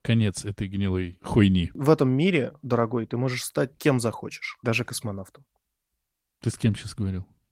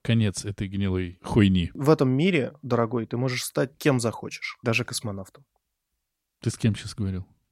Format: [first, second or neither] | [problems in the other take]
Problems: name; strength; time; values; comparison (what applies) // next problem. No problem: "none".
second | garbled, watery; slightly; nothing above 16 kHz